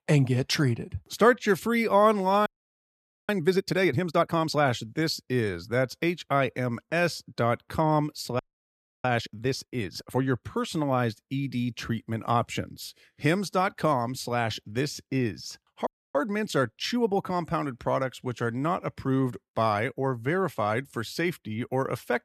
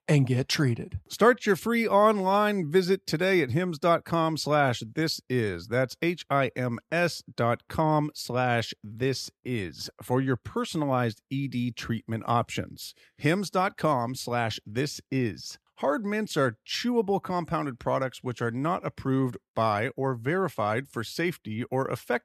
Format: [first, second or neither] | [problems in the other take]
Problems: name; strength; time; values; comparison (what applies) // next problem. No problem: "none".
second | audio freezing; at 2.5 s for 1 s, at 8.5 s for 0.5 s and at 16 s